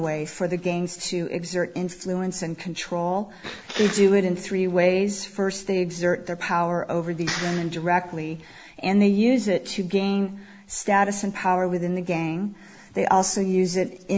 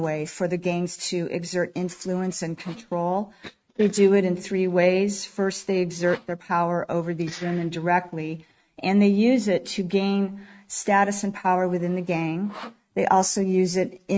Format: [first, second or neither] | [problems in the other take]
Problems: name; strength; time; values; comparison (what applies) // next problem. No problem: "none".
first | noise reduction (neural mask model RNNoise)